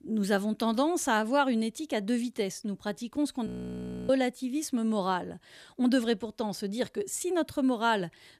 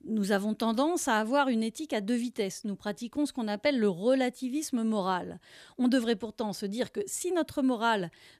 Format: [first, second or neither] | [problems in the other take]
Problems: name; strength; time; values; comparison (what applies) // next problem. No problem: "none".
second | audio freezing; at 3.5 s for 0.5 s